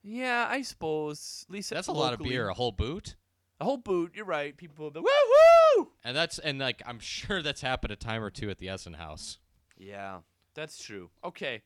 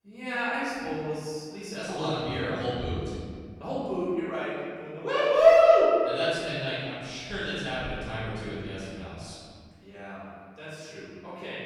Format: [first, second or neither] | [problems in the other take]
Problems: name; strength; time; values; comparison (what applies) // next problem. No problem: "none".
first | room echo; strong; dies away in 1.8 s // off-mic speech; far